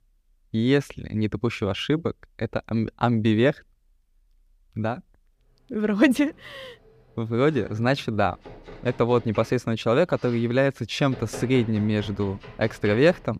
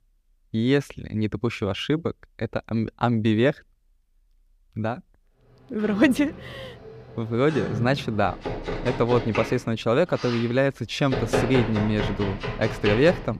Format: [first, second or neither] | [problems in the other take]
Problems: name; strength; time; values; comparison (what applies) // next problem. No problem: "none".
first | household noises; loud; from 6 s on; 7 dB below the speech; faint in the first